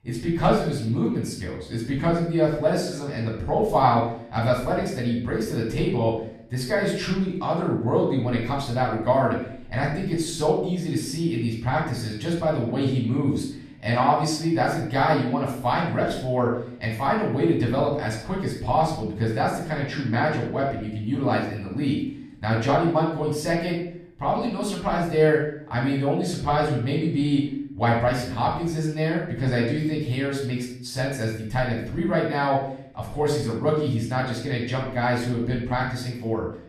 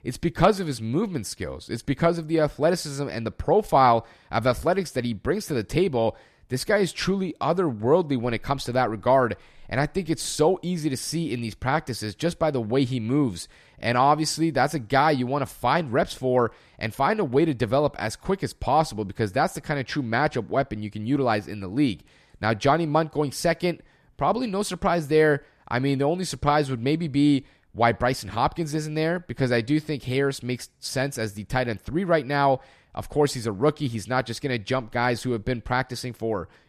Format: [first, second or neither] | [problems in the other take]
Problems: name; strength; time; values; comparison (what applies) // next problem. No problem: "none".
second | off-mic speech; far // room echo; noticeable; dies away in 0.6 s